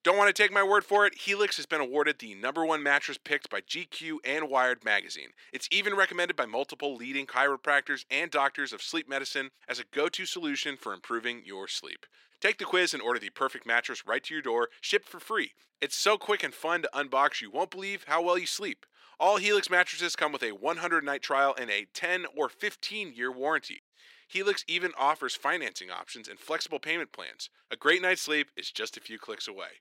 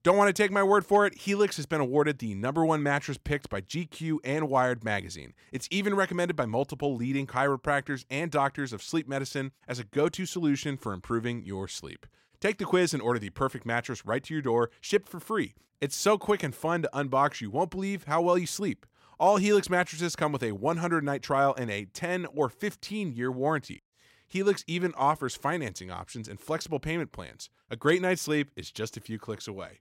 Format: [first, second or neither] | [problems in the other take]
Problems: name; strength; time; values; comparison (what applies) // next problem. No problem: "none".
second | thin; somewhat; fading below 350 Hz